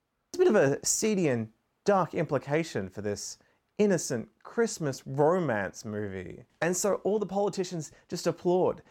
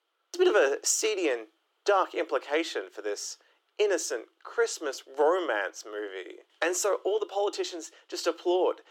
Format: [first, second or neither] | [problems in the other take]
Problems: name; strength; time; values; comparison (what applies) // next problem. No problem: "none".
first | thin; very; fading below 300 Hz